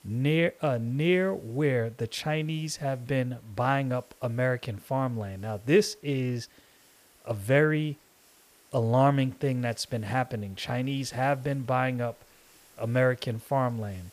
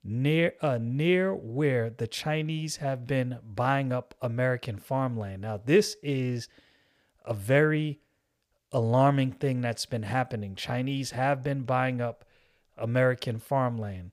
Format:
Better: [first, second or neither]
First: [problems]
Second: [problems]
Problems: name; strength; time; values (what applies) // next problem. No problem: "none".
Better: second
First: hiss; faint; throughout; 30 dB below the speech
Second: none